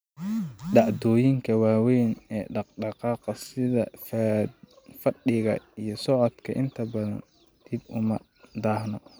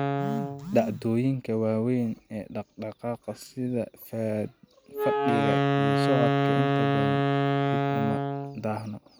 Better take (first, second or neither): first